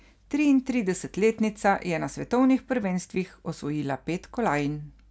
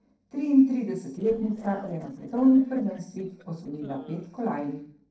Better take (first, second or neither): first